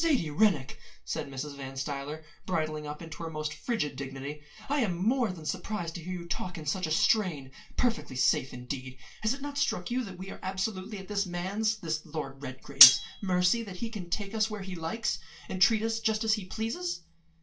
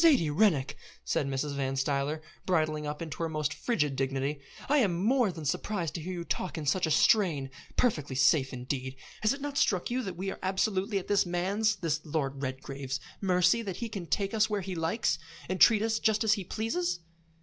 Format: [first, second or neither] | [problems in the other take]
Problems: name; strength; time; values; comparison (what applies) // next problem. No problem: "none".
second | background sound (Cutlery, silverware); 4 dB above the speech // room echo; dies away in 0.2 s